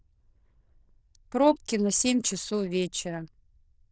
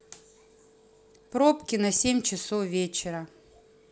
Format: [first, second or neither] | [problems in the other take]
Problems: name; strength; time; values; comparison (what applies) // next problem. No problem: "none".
second | noise reduction (neural diffusion model UNIVERSE++)